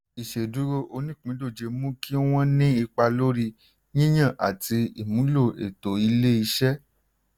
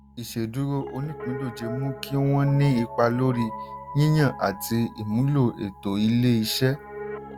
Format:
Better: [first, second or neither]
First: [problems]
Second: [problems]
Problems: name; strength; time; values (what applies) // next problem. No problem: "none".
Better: first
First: none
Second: background sound (Piano); 14 dB below the speech